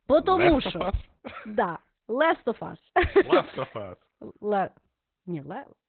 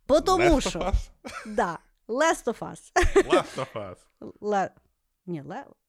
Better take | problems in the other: second | garbled, watery; badly; nothing above 4 kHz

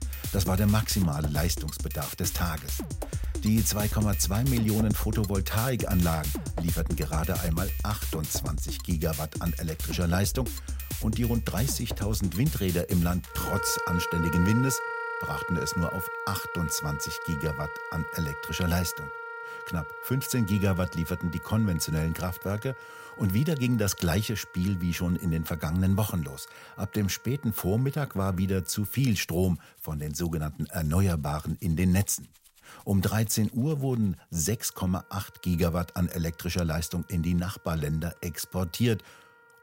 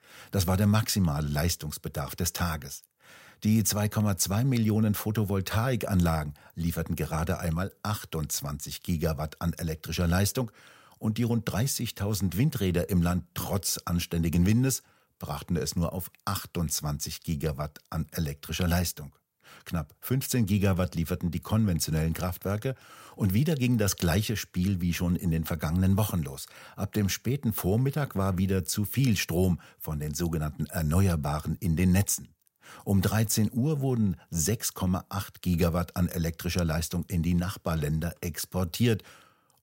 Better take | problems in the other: second | background music; loud; throughout; 6 dB below the speech

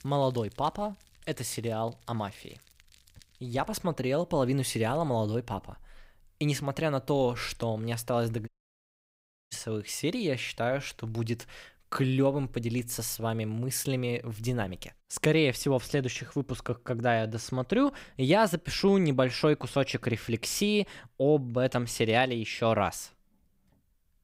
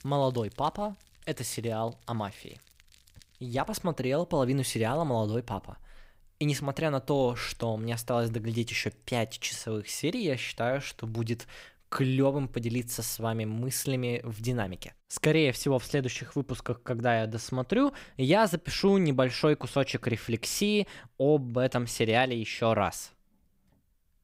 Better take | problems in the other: second | audio cutting out; at 8.5 s for 1 s

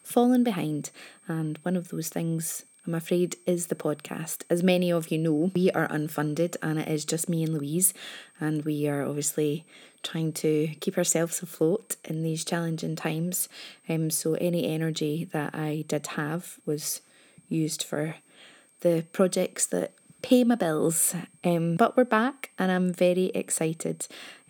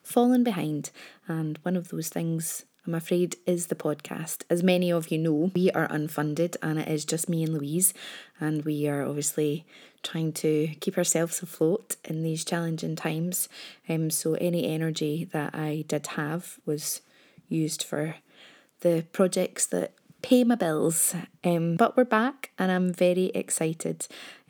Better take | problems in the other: second | high-pitched whine; faint; throughout; 8.5 kHz, 30 dB below the speech

